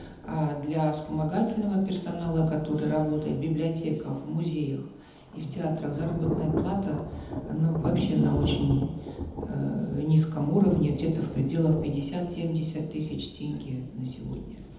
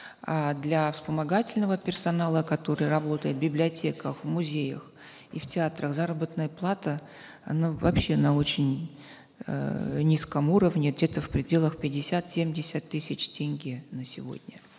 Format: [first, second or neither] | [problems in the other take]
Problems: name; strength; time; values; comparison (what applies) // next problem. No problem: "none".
second | background sound (Thunder / Rain); 9 dB below the speech // room echo; dies away in 1.3 s